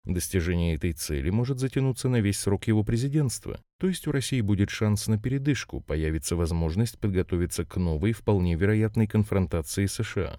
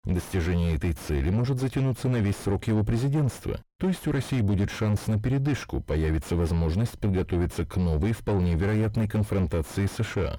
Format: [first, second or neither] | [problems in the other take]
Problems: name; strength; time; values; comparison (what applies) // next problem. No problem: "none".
first | distortion; heavy; 7 dB below the speech